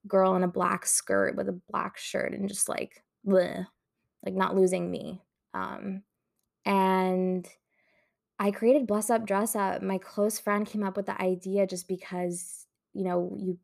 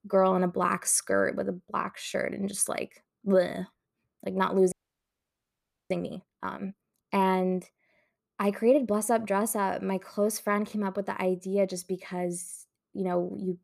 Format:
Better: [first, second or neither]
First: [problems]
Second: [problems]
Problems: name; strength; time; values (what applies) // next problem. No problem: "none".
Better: first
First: none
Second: audio freezing; at 4.5 s for 1 s